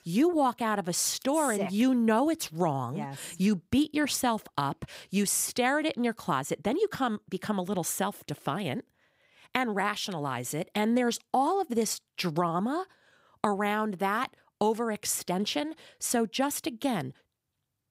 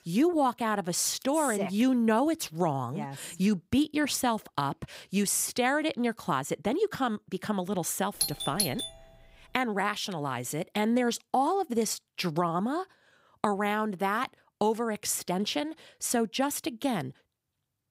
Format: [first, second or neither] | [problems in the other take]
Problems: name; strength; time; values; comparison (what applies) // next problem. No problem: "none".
first | doorbell; noticeable; at 8 s; peak 1 dB below the speech